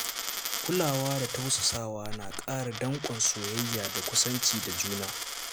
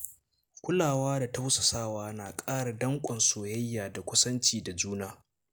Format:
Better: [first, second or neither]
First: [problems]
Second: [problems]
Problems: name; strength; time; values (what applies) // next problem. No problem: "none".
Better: second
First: background sound (Coin (dropping)); 4 dB below the speech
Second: none